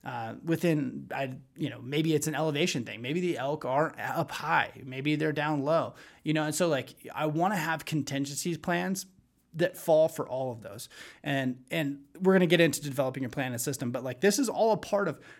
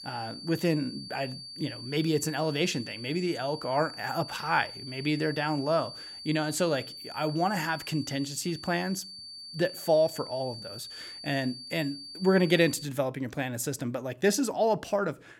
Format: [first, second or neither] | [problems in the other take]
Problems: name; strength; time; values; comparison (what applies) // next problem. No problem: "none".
first | high-pitched whine; noticeable; until 13 s; 4.5 kHz, 10 dB below the speech